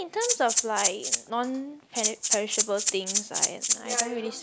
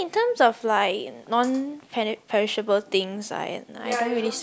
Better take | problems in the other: second | background sound (Rattle (instrument)); 3 dB above the speech

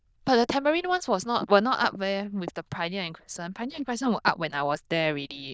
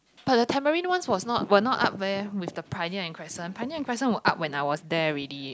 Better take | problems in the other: second | noise reduction (neural diffusion model UNIVERSE++)

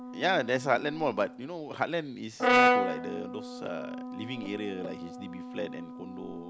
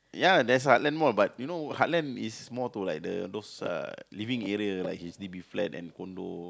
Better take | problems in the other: second | background sound (Brass instrument); 1 dB above the speech

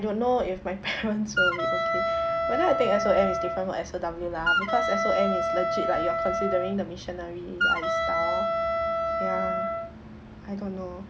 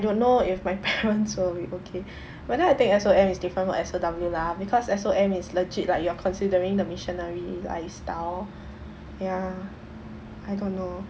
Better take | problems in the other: second | background sound (Wind instrument, woodwind instrument); 2 dB above the speech

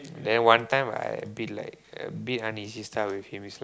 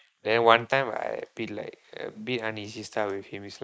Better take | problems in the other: first | noise reduction (neural mask model Resemble Enhance denoiser)

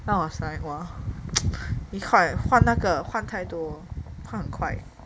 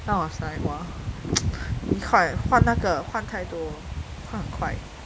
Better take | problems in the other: first | background sound (Fireworks / Ocean); 9 dB below the speech

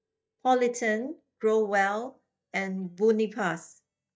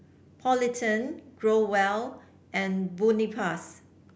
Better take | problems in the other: second | noise reduction (neural mask model DeepFilterNet 3)

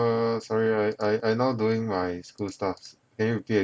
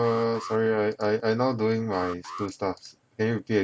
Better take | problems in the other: first | background sound (Alarm); 17 dB below the speech

